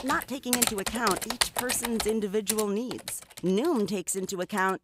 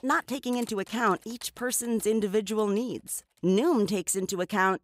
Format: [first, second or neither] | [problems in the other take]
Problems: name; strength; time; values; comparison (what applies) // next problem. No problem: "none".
second | household noises; loud; throughout; as loud as the speech; faint in the second